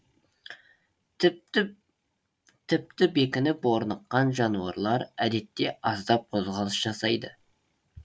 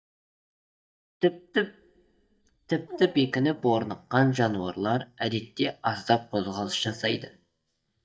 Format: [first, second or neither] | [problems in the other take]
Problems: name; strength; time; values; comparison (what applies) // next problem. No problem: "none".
first | noise reduction (neural mask model DeepFilterNet 3)